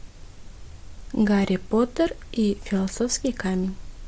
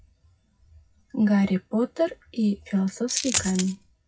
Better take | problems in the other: first | noise reduction (classical method WPE with log-MMSE)

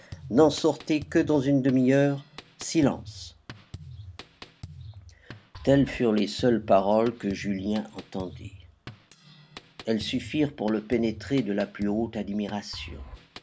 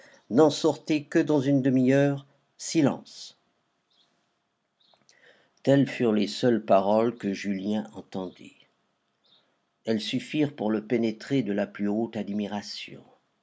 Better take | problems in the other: second | background sound (Drum kit); 17 dB below the speech

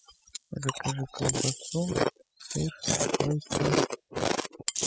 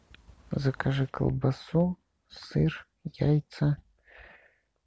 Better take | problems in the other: second | noise reduction (classical method spectral subtraction)

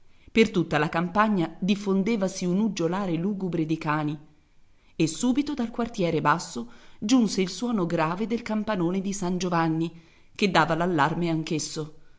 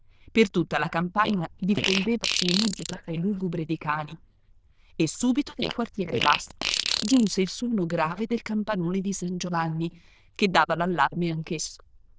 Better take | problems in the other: first | noise reduction (neural diffusion model UNIVERSE++)

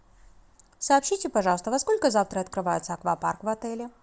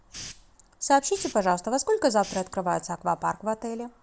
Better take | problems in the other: first | background sound (Hiss); 19 dB below the speech

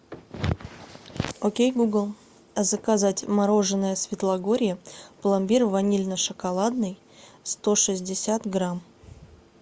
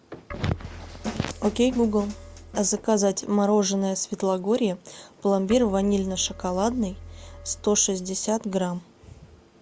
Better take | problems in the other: first | background sound (Snare drum + Keyboard (musical)); 16 dB below the speech

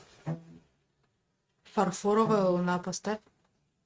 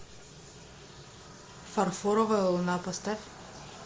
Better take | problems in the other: second | noise reduction (neural mask model RNNoise)

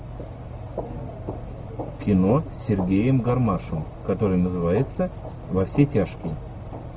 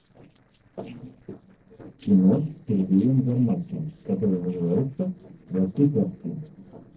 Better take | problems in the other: first | noise reduction (neural separator model SepFormer DNS4)

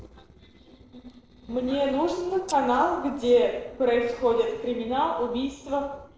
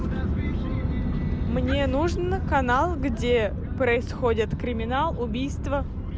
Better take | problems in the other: second | noise reduction (neural separator model SepFormer DNS4)

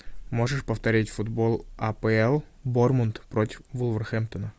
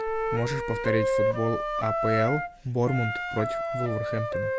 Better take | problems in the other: first | background sound (Wind instrument, woodwind instrument); as loud as the speech

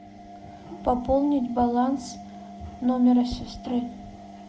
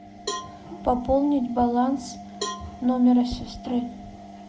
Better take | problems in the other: first | background sound (Cowbell); 15 dB below the speech

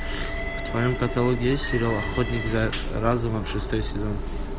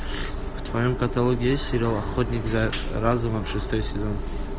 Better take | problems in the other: second | background sound (Train); 14 dB below the speech

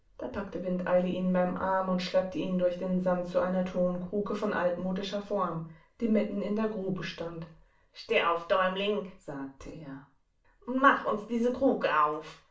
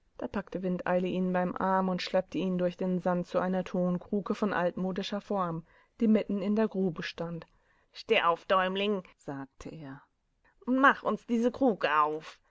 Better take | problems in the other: second | room echo; dies away in 0.3 s

